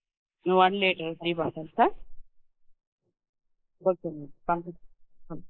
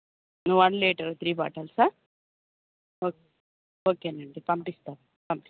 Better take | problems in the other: second | noise reduction (neural mask model Resemble Enhance denoiser)

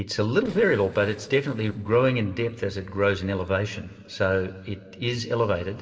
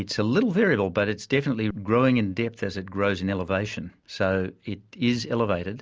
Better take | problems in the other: second | noise reduction (neural separator model SepFormer DNS4)

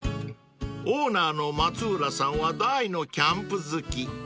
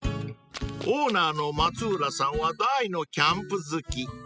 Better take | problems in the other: first | noise reduction (classical method spectral subtraction)

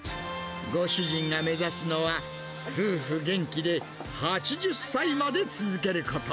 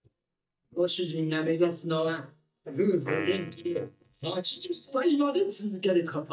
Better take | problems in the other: first | noise reduction (neural mask model DeepFilterNet 3)

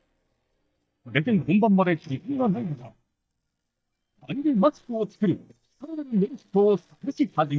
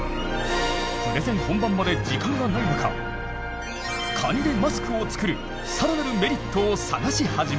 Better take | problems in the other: second | noise reduction (neural mask model DeepFilterNet 3)

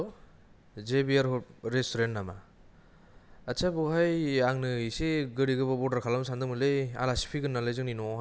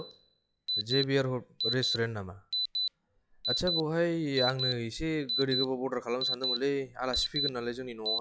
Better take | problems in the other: first | noise reduction (classical method log-MMSE)

